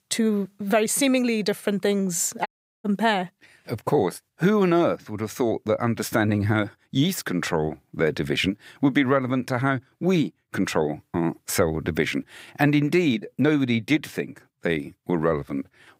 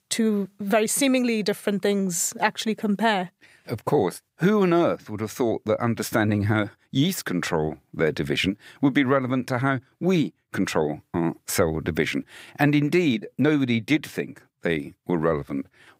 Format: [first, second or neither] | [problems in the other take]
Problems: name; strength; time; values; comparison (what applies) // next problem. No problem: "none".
second | audio cutting out; at 2.5 s